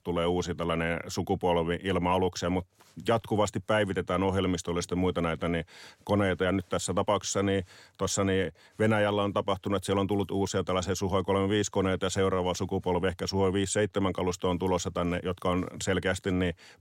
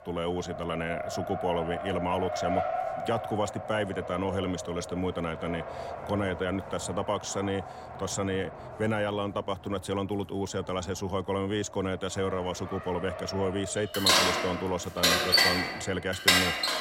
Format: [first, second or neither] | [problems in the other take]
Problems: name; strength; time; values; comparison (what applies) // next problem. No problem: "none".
first | traffic noise; very loud; throughout; 3 dB above the speech